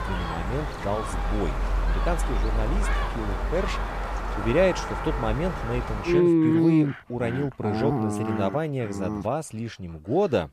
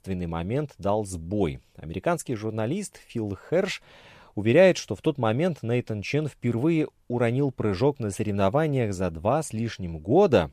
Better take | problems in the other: second | animal sounds; very loud; throughout; 2 dB above the speech

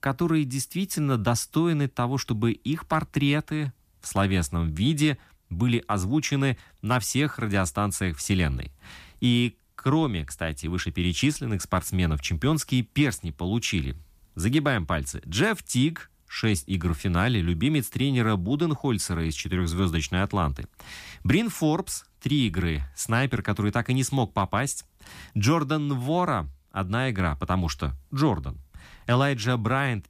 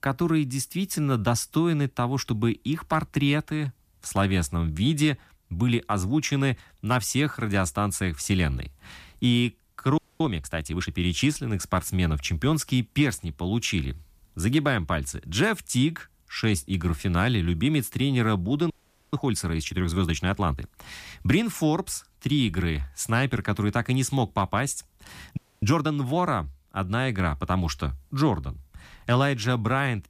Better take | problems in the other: first | audio freezing; at 10 s, at 19 s and at 25 s

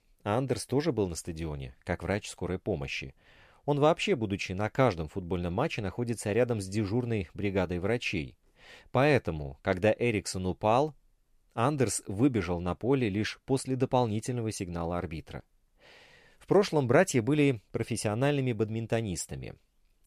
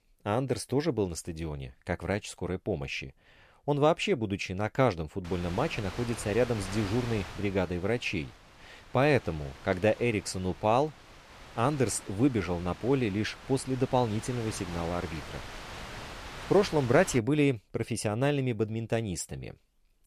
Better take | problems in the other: first | wind noise on the microphone; occasional gusts; from 5.5 to 17 s; 15 dB below the speech

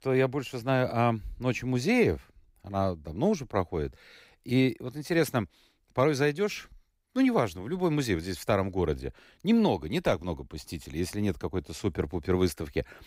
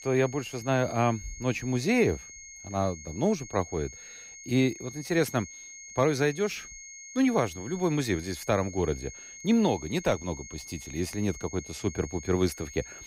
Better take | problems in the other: first | high-pitched whine; noticeable; throughout; 6.5 kHz, 15 dB below the speech

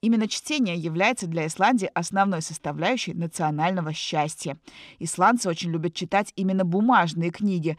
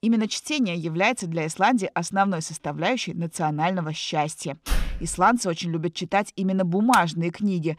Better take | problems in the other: first | door banging; noticeable; at 4.5 s; peak 6 dB below the speech // keyboard typing; very faint; at 7 s; peak 9 dB below the speech

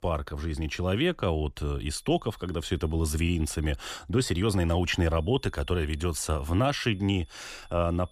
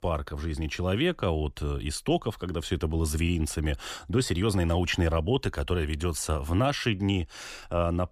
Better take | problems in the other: second | high-pitched whine; faint; from 2 to 3.5 s and from 5 s on; 3.5 kHz, 30 dB below the speech

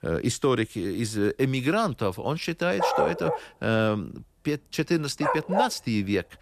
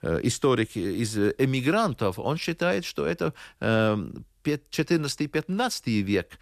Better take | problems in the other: second | dog barking; loud; from 3 to 5.5 s; peak 2 dB above the speech

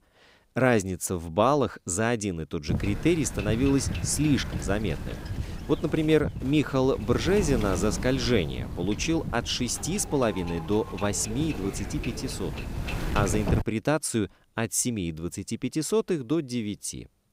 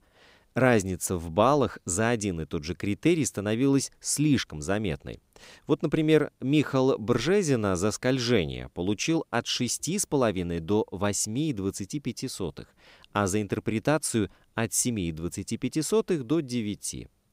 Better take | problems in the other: second | wind noise on the microphone; occasional gusts; from 2.5 to 14 s; 10 dB below the speech

